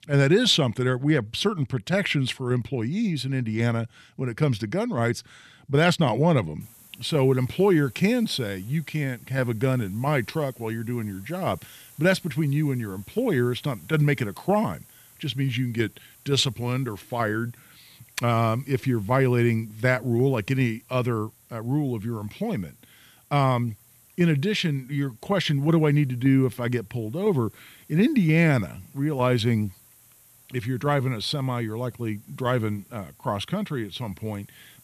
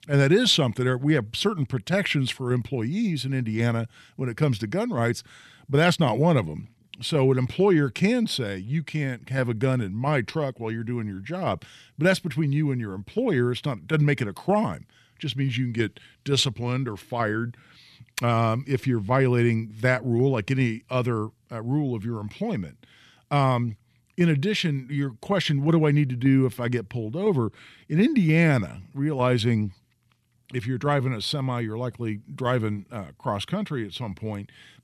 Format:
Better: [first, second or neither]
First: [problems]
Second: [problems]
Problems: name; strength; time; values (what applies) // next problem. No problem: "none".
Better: second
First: hiss; faint; from 6.5 s on; 25 dB below the speech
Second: none